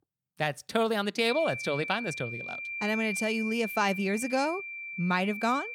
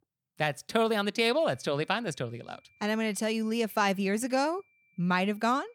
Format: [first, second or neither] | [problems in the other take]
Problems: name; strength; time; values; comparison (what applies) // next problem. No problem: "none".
second | high-pitched whine; loud; from 1.5 s on; 2.5 kHz, 6 dB below the speech; faint in the second